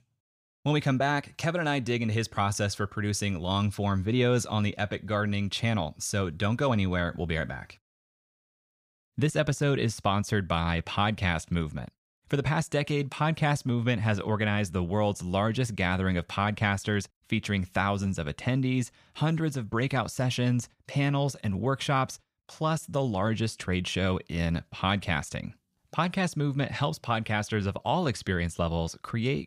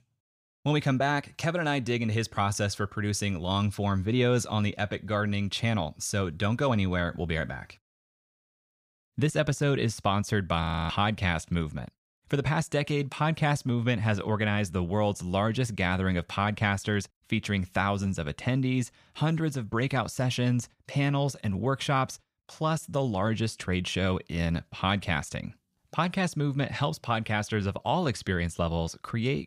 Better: first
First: none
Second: audio freezing; at 11 s

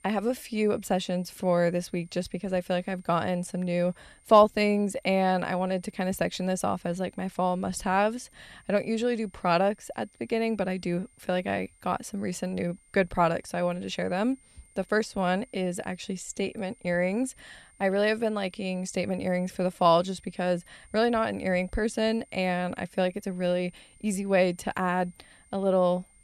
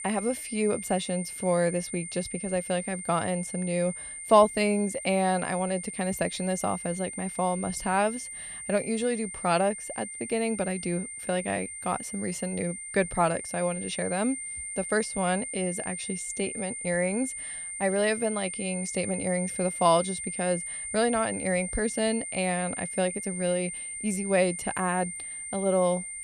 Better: first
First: high-pitched whine; faint; throughout; 9 kHz, 30 dB below the speech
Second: high-pitched whine; loud; throughout; 9 kHz, 6 dB below the speech

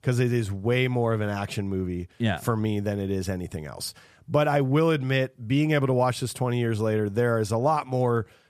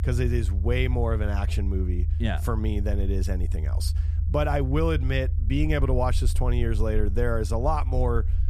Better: first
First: none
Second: low rumble; noticeable; throughout; 15 dB below the speech

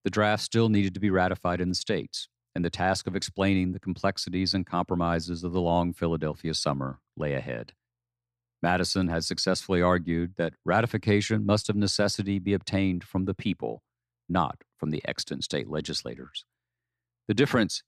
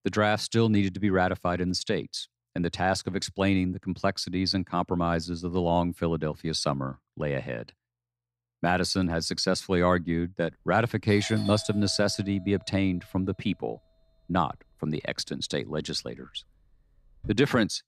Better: first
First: none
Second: doorbell; faint; from 11 to 17 s; peak 10 dB below the speech

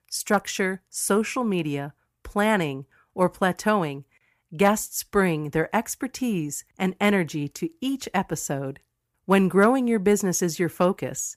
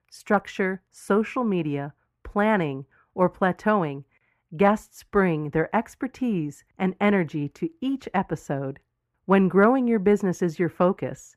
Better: first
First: none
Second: muffled; very; fading above 3.5 kHz

